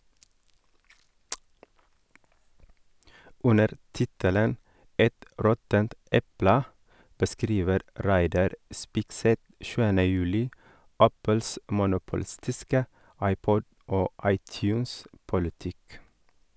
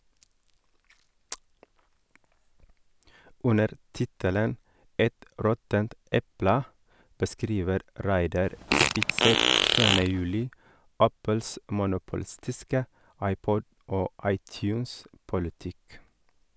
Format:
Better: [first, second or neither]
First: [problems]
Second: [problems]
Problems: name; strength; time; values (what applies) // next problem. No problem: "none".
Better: first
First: none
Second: background sound (Fart); 4 dB above the speech